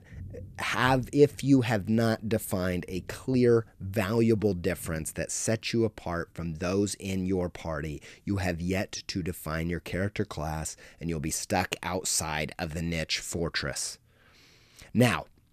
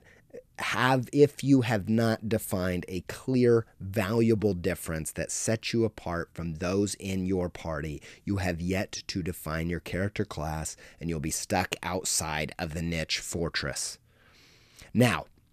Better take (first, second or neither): second